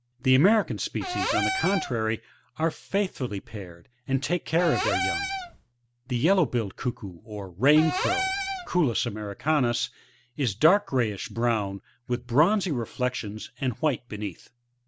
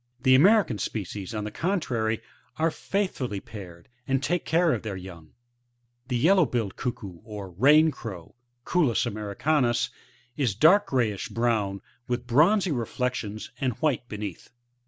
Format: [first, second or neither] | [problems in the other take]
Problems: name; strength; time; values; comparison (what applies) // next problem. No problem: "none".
second | background sound (Cupboard open or close / Door); 3 dB below the speech